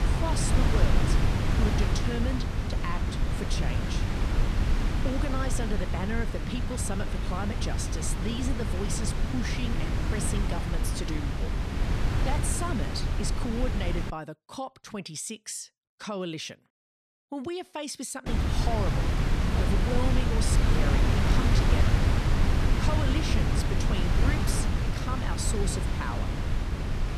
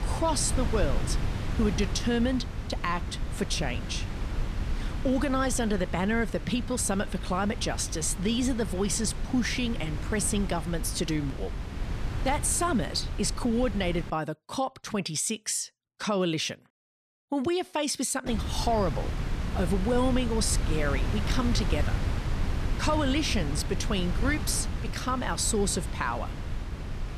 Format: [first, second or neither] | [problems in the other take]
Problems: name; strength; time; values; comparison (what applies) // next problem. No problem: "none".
second | wind noise on the microphone; heavy; until 14 s and from 18 s on; 1 dB above the speech; occasional gusts in the second